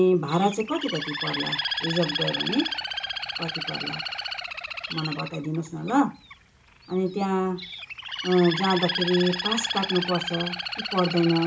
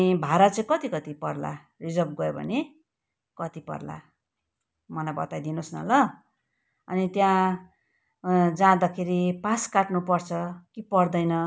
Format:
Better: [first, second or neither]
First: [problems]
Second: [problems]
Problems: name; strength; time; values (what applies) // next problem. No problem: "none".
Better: second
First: background sound (Bird); 6 dB below the speech // room echo; dies away in 0.2 s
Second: none